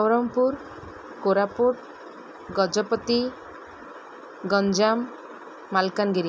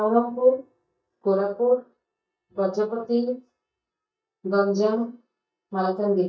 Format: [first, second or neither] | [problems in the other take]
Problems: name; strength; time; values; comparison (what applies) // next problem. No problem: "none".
first | noise reduction (neural mask model DeepFilterNet 3)